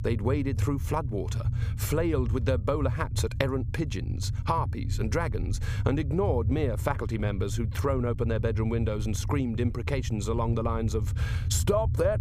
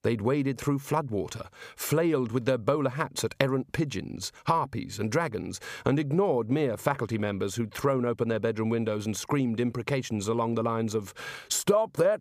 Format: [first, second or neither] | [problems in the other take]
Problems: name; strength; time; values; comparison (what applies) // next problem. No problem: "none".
second | low rumble; noticeable; throughout; 15 dB below the speech